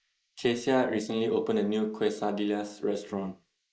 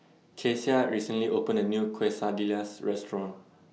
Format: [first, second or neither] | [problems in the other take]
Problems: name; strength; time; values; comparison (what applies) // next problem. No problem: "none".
second | noise reduction (neural mask model Resemble Enhance denoiser)